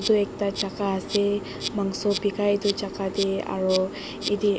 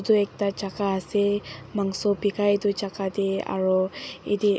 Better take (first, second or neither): second